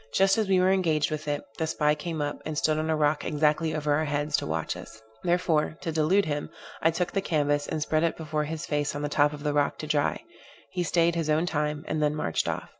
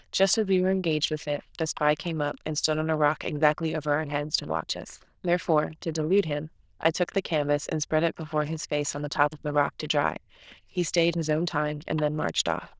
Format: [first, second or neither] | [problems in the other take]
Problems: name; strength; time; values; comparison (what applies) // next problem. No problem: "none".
first | noise reduction (neural diffusion model UNIVERSE++)